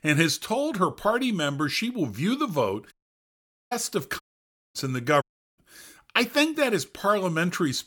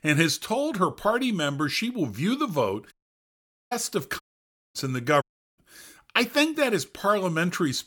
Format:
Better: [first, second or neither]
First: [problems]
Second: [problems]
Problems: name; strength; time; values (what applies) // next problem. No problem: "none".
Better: neither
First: audio cutting out; at 3 s for 1 s, at 4 s for 0.5 s and at 5 s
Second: audio cutting out; at 3 s for 1 s, at 4 s for 0.5 s and at 5 s